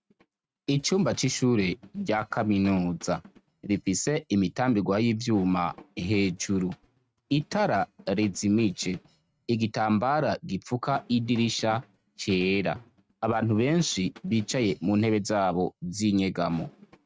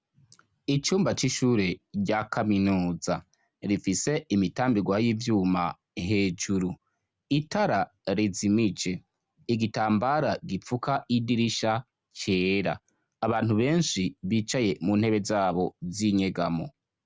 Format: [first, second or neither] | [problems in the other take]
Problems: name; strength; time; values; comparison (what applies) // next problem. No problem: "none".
second | noise reduction (neural mask model RNNoise)